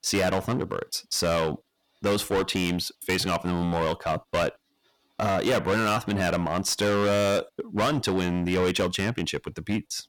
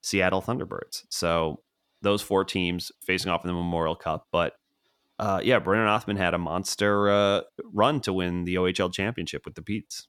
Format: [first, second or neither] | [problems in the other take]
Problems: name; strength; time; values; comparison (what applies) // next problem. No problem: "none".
second | distortion; heavy; 15% of the sound clipped